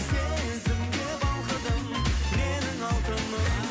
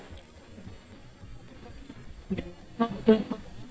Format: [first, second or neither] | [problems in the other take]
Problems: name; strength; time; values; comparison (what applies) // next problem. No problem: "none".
first | noise reduction (neural mask model DeepFilterNet 3)